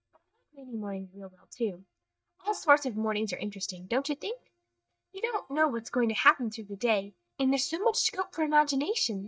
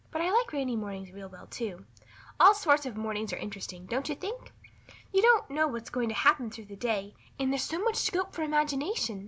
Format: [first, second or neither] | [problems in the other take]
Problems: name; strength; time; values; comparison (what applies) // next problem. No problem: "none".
second | noise reduction (neural mask model DeepFilterNet 3)